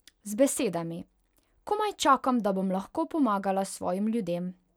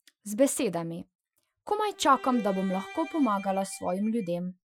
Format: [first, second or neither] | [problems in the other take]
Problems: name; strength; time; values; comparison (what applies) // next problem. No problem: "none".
first | noise reduction (classical method Wiener filter)